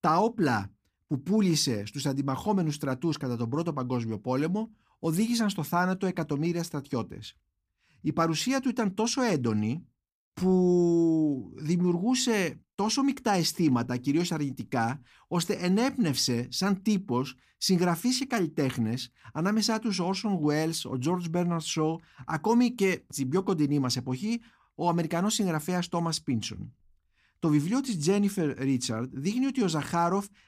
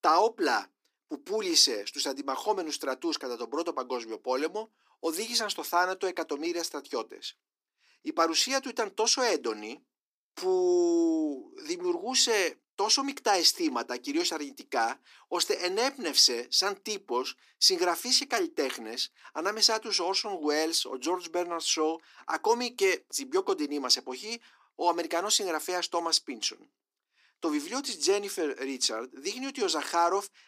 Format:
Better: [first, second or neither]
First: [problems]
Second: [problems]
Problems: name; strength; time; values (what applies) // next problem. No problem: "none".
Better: first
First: none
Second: thin; very; fading below 350 Hz